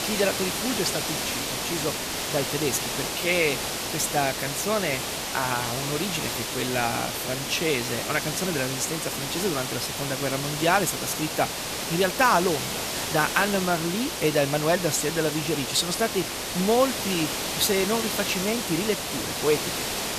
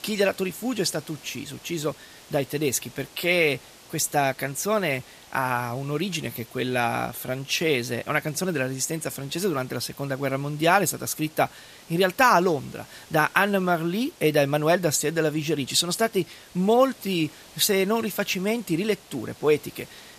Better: second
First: hiss; loud; throughout; 2 dB below the speech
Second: hiss; faint; throughout; 25 dB below the speech

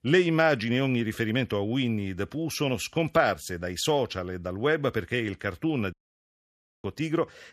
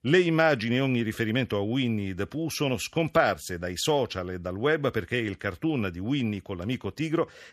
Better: second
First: audio cutting out; at 6 s for 1 s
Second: none

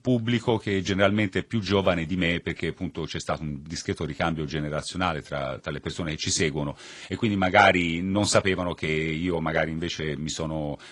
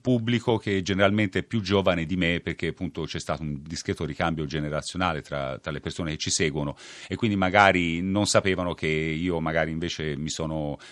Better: second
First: garbled, watery; slightly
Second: none

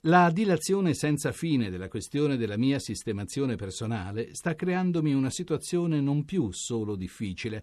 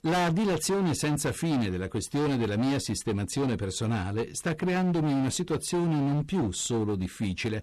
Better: first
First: none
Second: distortion; heavy; 26% of the sound clipped

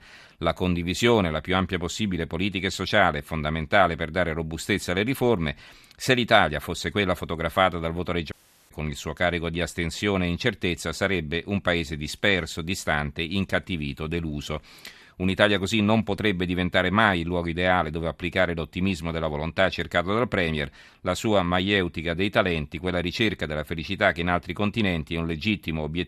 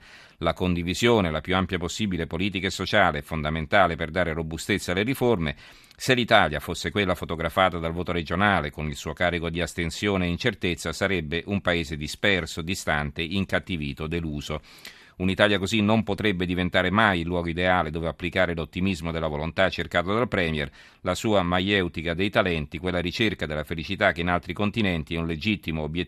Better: second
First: audio cutting out; at 8.5 s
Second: none

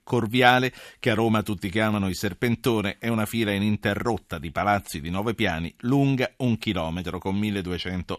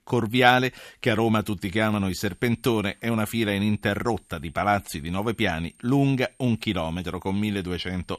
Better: first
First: none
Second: high-pitched whine; faint; from 2 s on; 8.5 kHz, 35 dB below the speech

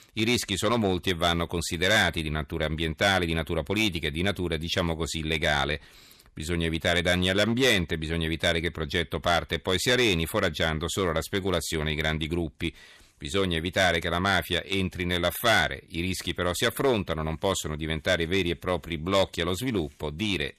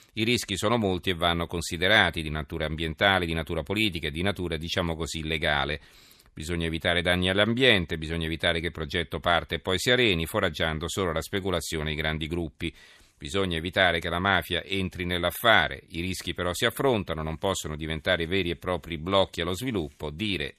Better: second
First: distortion; slight; 3% of the sound clipped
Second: none

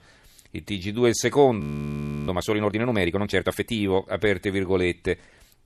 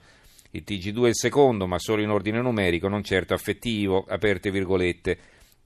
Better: second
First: audio freezing; at 1.5 s for 0.5 s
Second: none

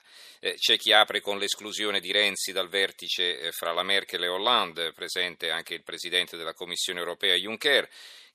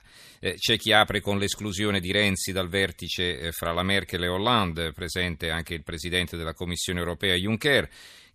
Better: second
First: thin; somewhat; fading below 450 Hz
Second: none

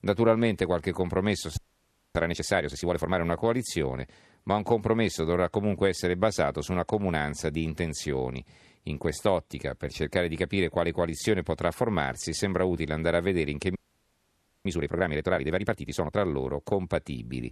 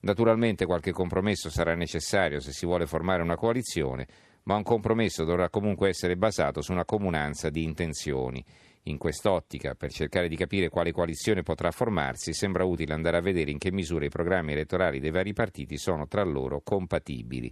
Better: second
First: audio freezing; at 1.5 s for 0.5 s and at 14 s for 1 s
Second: none

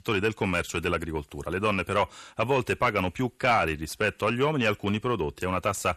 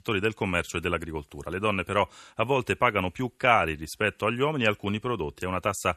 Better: second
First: distortion; slight; 10 dB below the speech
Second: none

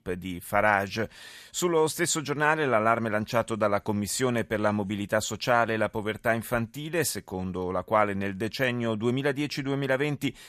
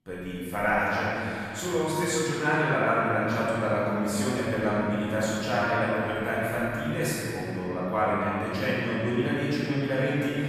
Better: first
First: none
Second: room echo; strong; dies away in 3 s // off-mic speech; far

